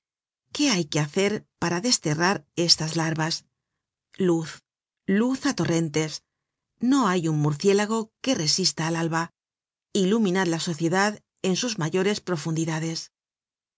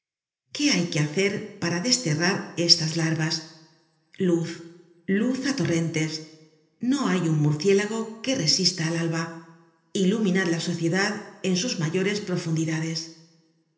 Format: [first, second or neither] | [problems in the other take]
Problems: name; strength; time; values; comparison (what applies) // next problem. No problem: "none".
first | room echo; dies away in 0.8 s